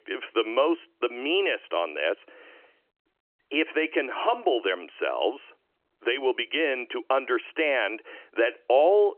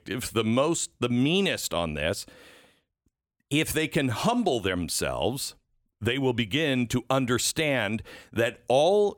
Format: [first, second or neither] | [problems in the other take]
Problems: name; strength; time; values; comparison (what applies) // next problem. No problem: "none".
second | phone-call audio; nothing above 3 kHz